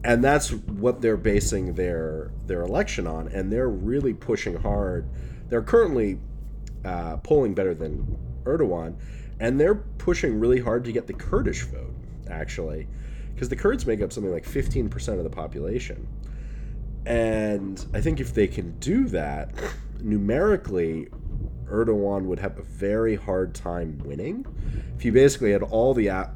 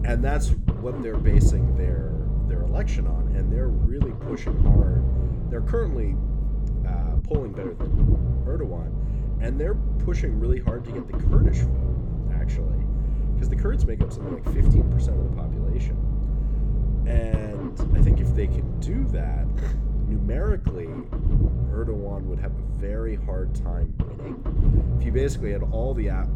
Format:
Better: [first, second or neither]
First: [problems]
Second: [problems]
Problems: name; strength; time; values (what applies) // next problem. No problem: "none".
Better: first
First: low rumble; faint; throughout; 25 dB below the speech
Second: low rumble; loud; throughout; 2 dB below the speech